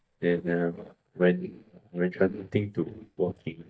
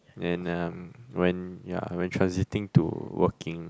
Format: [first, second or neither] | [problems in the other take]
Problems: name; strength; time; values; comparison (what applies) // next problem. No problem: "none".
second | noise reduction (neural mask model DeepFilterNet 3)